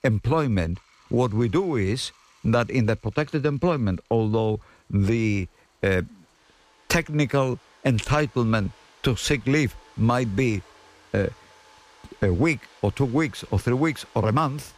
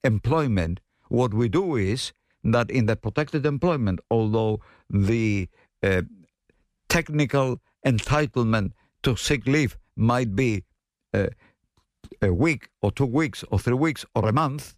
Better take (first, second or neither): second